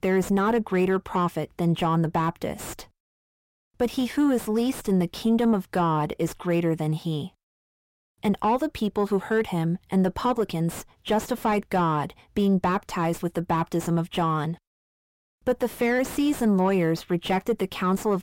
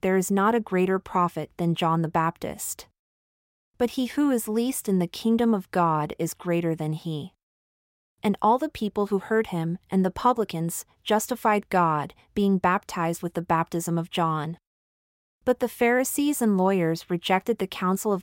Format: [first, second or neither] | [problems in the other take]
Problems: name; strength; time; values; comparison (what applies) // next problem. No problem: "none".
second | distortion; slight; 10 dB below the speech